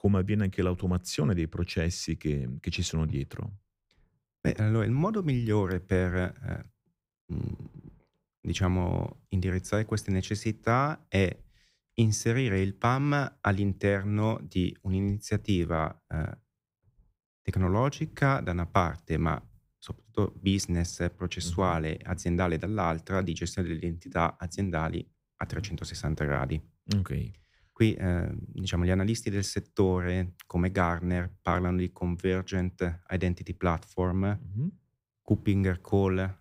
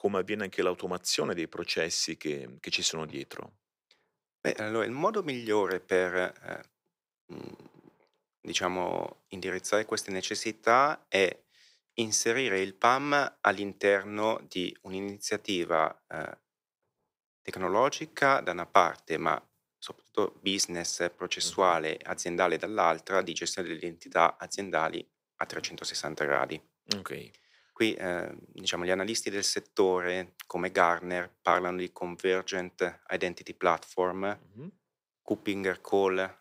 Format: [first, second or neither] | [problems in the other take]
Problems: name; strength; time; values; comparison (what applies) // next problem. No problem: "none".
first | thin; very; fading below 500 Hz